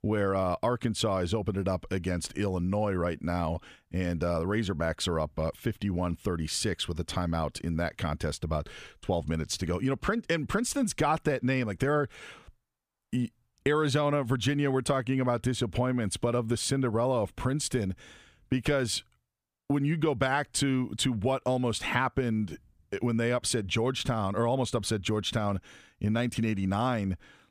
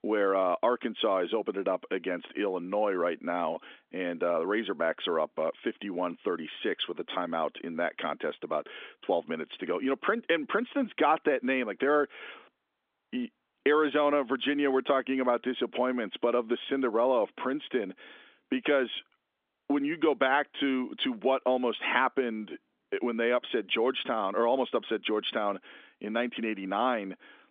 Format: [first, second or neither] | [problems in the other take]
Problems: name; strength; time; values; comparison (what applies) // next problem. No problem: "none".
first | phone-call audio; nothing above 3.5 kHz